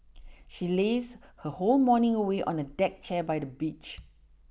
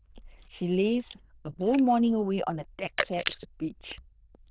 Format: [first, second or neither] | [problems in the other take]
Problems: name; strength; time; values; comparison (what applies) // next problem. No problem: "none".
first | noise reduction (neural diffusion model UNIVERSE++)